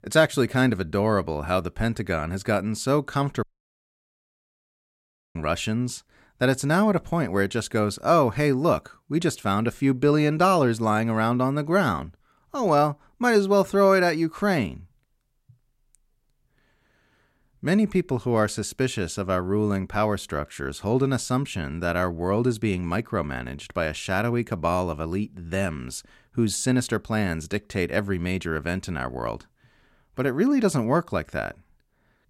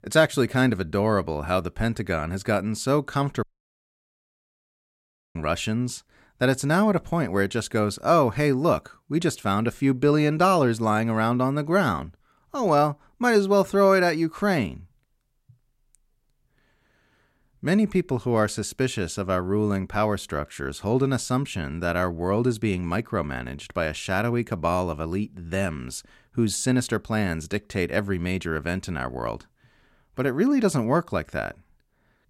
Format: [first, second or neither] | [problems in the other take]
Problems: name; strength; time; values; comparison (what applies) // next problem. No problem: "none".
neither | audio cutting out; at 3.5 s for 2 s; the same in both